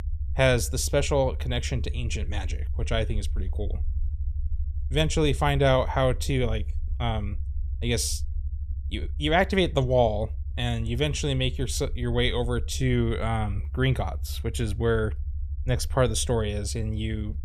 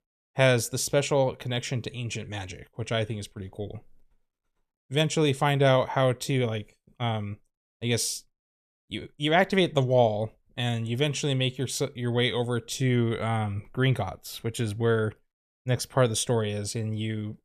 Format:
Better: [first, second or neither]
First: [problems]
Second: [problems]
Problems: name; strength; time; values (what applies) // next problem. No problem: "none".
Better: second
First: low rumble; faint; throughout; 25 dB below the speech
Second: none